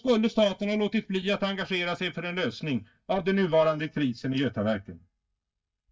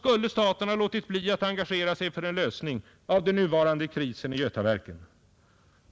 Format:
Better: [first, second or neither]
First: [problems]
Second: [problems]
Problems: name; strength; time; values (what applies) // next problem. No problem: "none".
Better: second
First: noise reduction (neural mask model DeepFilterNet 3)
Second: none